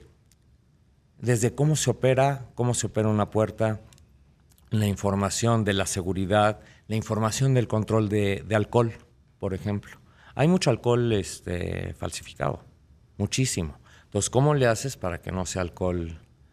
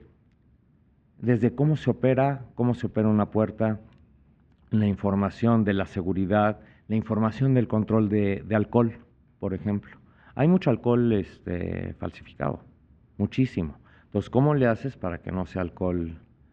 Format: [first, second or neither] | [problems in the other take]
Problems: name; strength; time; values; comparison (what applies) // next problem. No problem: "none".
first | muffled; very; fading above 2.5 kHz